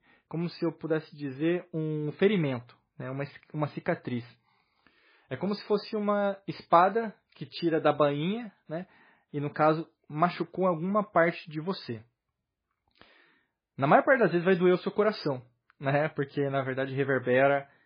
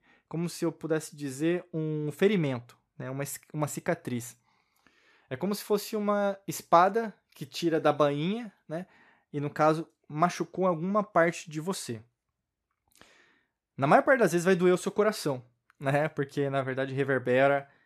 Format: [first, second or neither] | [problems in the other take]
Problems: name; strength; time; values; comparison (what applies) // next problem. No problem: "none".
second | garbled, watery; badly